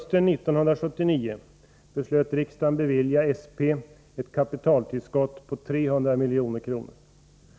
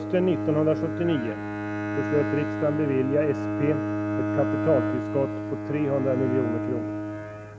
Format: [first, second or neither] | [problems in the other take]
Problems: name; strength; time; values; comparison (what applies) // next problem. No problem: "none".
first | background sound (Bowed string instrument); 2 dB below the speech